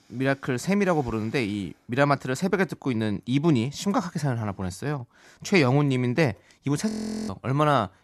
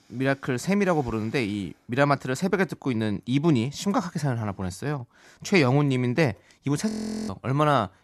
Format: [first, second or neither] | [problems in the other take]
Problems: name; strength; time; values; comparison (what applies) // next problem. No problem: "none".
neither | audio freezing; at 7 s; the same in both